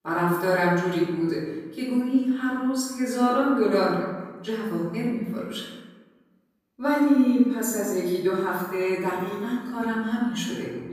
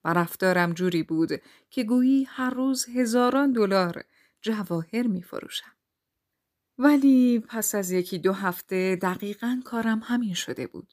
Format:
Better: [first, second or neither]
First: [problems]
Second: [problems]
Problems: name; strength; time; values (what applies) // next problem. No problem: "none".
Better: second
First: off-mic speech; far // room echo; noticeable; dies away in 1.1 s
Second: none